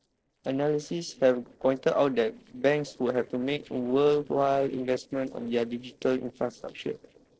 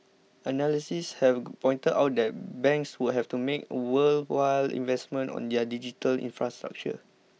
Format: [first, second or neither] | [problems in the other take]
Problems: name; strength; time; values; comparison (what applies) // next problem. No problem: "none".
second | noise reduction (neural separator model SepFormer DNS4)